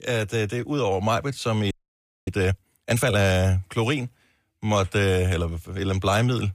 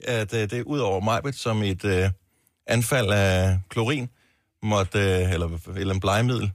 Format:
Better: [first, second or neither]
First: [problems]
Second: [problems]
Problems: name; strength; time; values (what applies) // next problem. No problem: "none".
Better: second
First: audio freezing; at 1.5 s for 0.5 s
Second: none